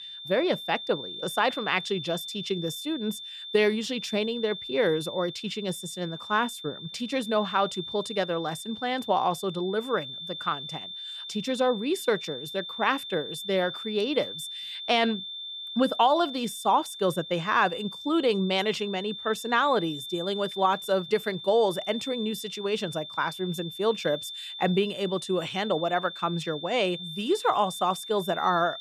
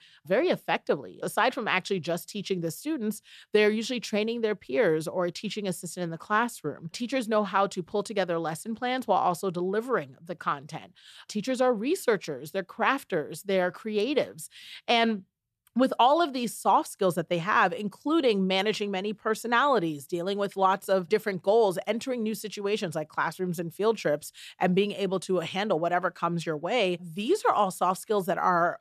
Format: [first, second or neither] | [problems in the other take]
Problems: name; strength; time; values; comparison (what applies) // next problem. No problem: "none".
second | high-pitched whine; loud; throughout; 3.5 kHz, 9 dB below the speech